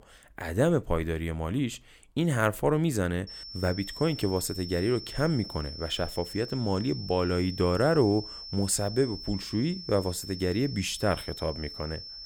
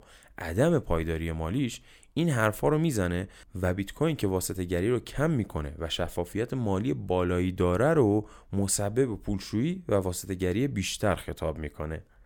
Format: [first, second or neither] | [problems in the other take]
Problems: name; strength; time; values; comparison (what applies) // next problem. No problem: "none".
second | high-pitched whine; noticeable; from 3.5 s on; 5.5 kHz, 10 dB below the speech